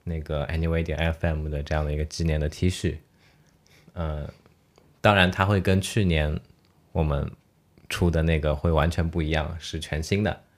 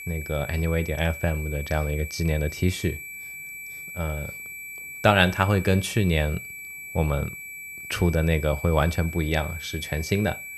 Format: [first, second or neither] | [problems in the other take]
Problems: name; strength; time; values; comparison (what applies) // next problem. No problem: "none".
first | high-pitched whine; noticeable; throughout; 2.5 kHz, 10 dB below the speech